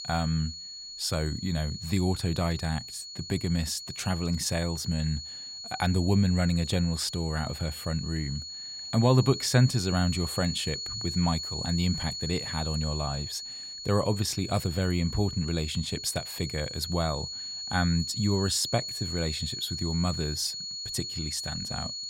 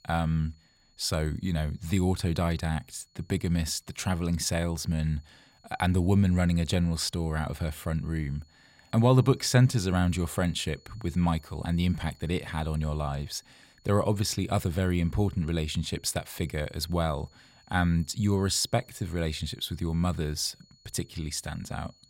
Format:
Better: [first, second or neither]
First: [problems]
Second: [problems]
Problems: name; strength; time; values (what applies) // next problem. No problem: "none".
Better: second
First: high-pitched whine; loud; throughout; 4.5 kHz, 6 dB below the speech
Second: high-pitched whine; faint; throughout; 4.5 kHz, 30 dB below the speech